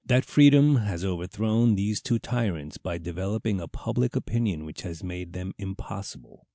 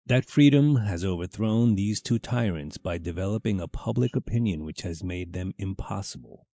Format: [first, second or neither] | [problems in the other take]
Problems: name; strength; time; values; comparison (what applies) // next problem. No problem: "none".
first | noise reduction (neural mask model Resemble Enhance denoiser)